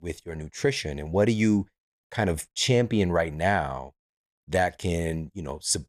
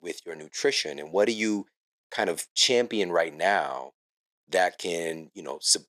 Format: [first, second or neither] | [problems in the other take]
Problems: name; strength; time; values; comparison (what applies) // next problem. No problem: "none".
first | thin; somewhat; fading below 300 Hz